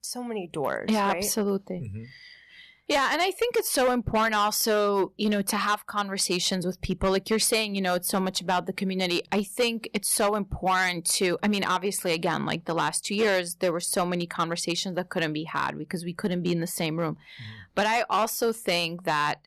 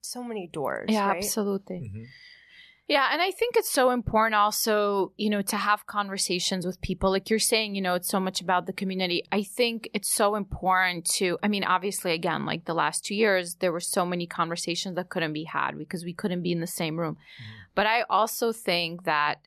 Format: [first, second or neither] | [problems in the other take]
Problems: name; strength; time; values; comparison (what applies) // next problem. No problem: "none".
second | distortion; slight; 5% of the sound clipped